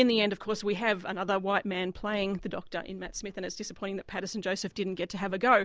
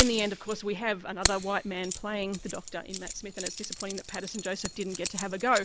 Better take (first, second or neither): first